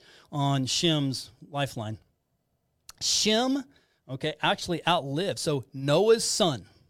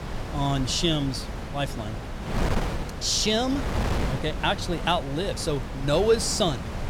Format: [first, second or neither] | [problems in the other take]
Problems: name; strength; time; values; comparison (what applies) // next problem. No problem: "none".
first | wind noise on the microphone; heavy; 9 dB below the speech